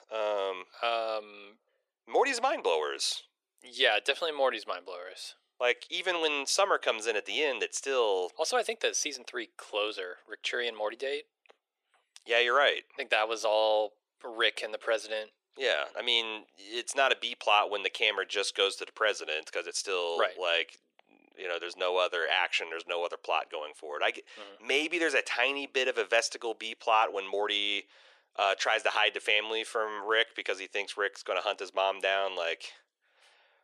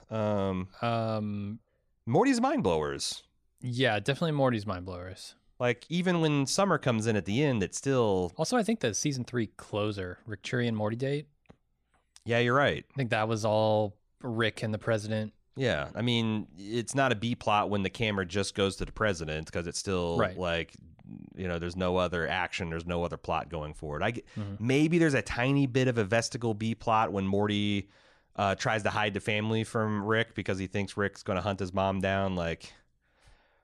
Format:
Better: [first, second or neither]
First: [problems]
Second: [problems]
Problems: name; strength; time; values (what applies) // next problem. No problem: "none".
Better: second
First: thin; very; fading below 400 Hz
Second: none